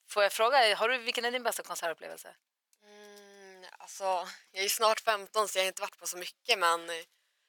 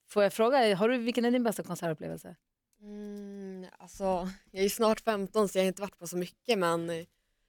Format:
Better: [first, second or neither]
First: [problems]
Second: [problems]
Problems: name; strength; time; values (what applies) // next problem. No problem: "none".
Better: second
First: thin; very; fading below 900 Hz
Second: none